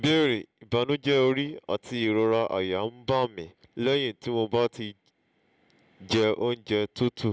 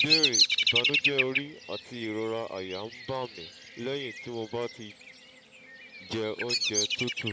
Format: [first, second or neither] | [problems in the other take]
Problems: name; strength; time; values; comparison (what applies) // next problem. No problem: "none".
first | background sound (Bird vocalization, bird call, bird song); 4 dB above the speech